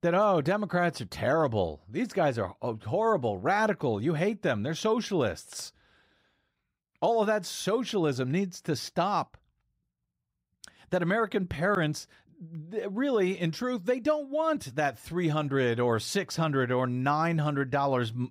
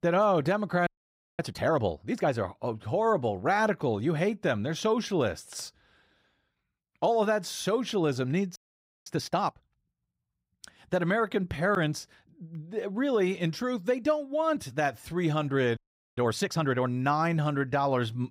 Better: first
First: none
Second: audio freezing; at 1 s for 0.5 s, at 8.5 s for 0.5 s and at 16 s

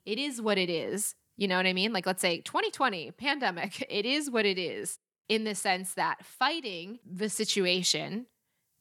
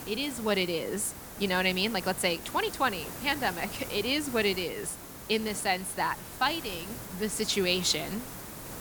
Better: first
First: none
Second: hiss; noticeable; throughout; 10 dB below the speech

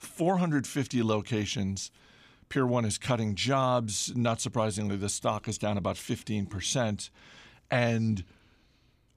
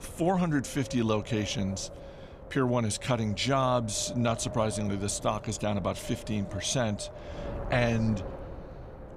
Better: first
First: none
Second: wind noise on the microphone; occasional gusts; 10 dB below the speech

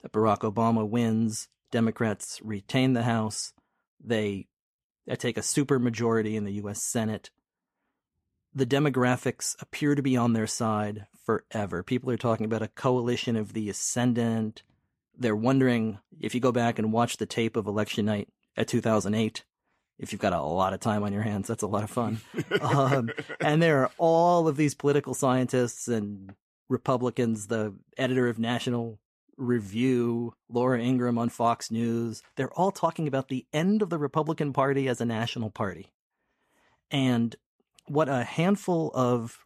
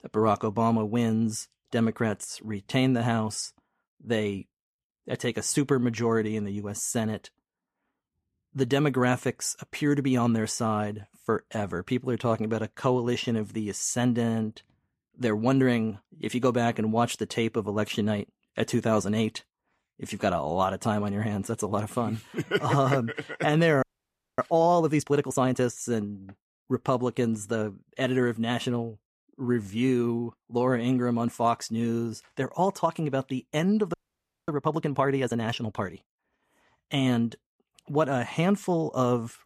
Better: first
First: none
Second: audio freezing; at 24 s for 0.5 s and at 34 s for 0.5 s

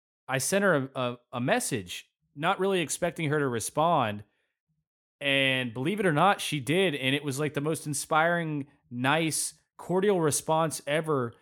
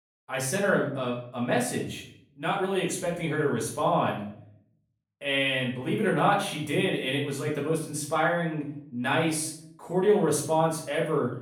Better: first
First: none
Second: room echo; noticeable; dies away in 0.5 s // off-mic speech; far

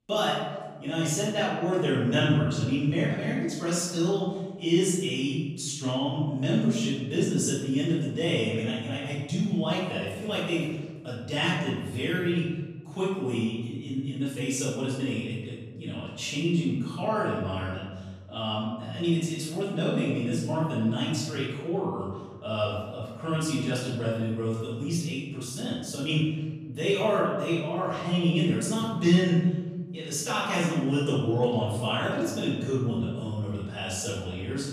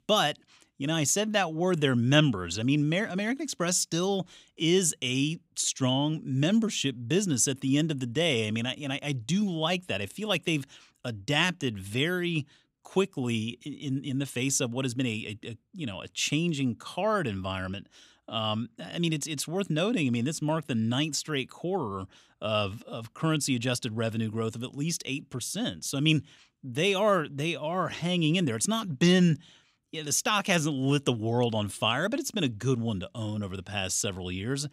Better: second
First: room echo; noticeable; dies away in 1.4 s // off-mic speech; far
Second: none

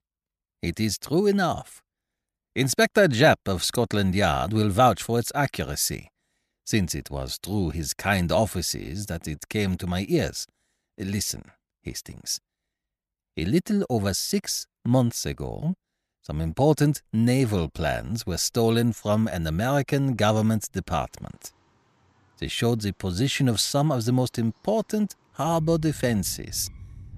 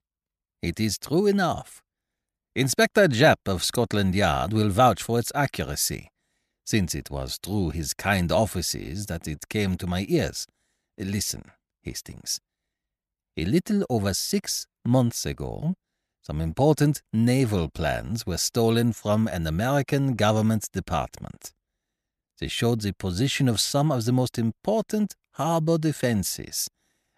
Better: second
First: animal sounds; faint; from 17 s on; 25 dB below the speech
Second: none

